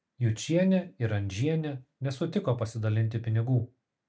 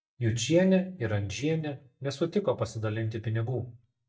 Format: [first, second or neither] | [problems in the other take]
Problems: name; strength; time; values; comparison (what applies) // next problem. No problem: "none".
first | noise reduction (neural mask model DeepFilterNet 3)